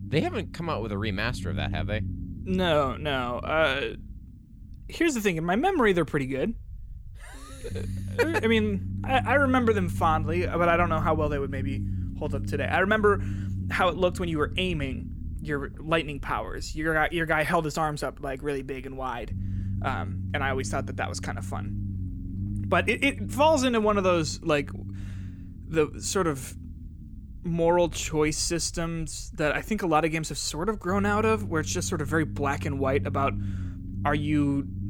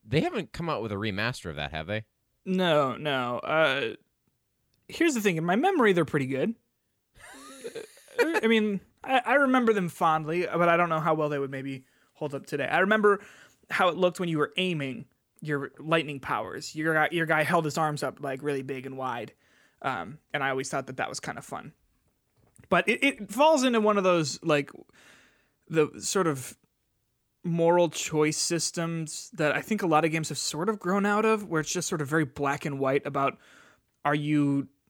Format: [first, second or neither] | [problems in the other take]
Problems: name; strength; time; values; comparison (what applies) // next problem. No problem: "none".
second | low rumble; noticeable; throughout; 20 dB below the speech